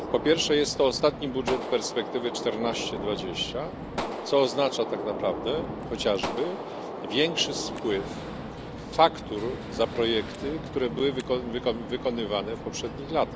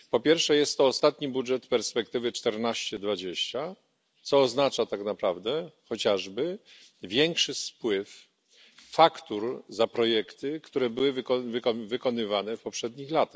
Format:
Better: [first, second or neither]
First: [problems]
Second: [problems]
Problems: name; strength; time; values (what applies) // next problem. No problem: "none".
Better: second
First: background sound (Gunshot, gunfire); 7 dB below the speech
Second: none